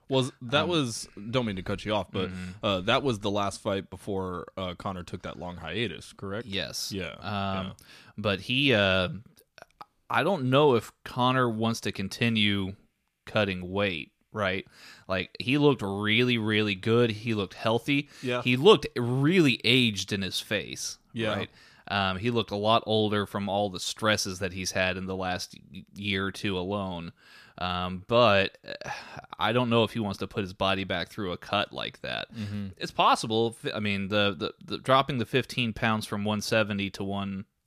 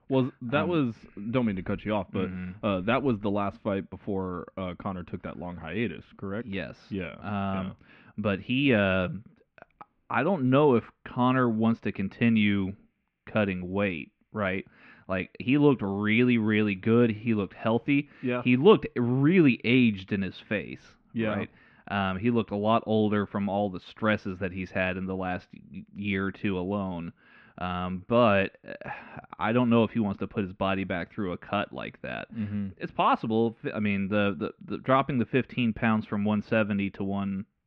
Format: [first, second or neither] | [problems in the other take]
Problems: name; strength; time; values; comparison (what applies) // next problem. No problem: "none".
first | muffled; very; fading above 2.5 kHz